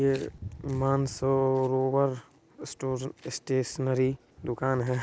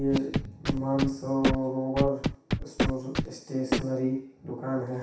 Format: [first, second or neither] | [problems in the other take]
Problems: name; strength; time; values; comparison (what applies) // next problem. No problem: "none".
first | background sound (Scratching (performance technique)); 2 dB below the speech // room echo; dies away in 0.7 s